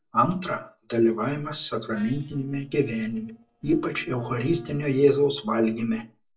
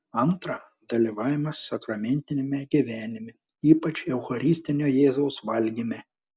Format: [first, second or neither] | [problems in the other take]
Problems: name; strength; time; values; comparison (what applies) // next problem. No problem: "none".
second | noise reduction (neural separator model SepFormer DNS4)